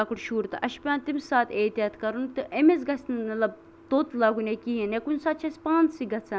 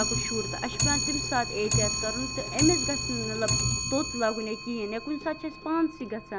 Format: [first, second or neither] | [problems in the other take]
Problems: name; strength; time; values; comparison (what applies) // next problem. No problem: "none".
first | background sound (Clock); as loud as the speech